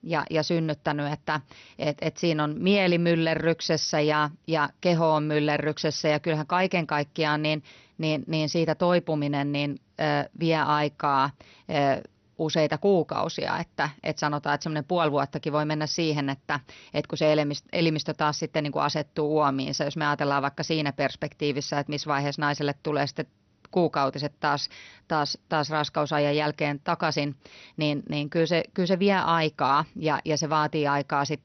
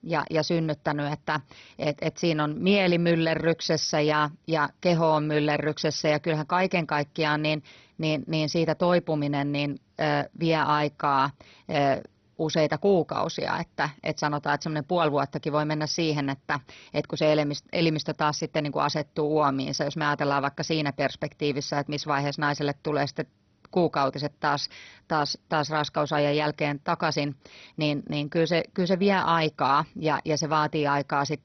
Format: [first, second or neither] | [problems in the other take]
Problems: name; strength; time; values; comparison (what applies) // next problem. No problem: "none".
first | garbled, watery; badly; nothing above 6 kHz; slightly in the first